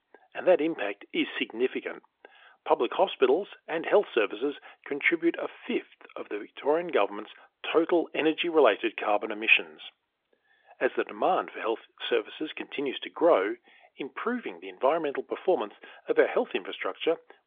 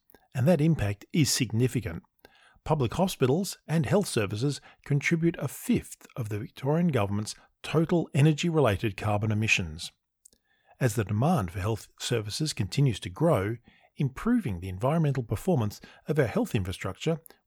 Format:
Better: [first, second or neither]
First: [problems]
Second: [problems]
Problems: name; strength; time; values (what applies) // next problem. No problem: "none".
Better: second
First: phone-call audio; nothing above 3.5 kHz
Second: none